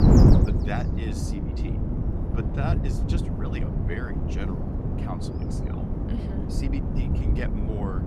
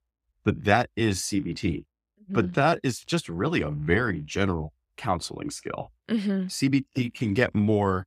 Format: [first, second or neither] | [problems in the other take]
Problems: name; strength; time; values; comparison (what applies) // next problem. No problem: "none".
second | wind noise on the microphone; heavy; 4 dB above the speech